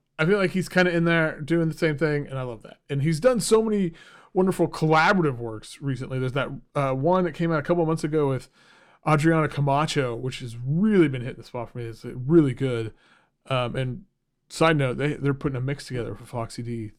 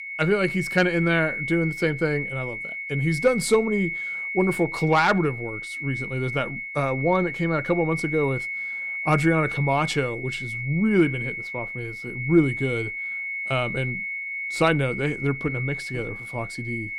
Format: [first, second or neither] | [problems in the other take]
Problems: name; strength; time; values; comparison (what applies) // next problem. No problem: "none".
first | high-pitched whine; loud; throughout; 2 kHz, 5 dB below the speech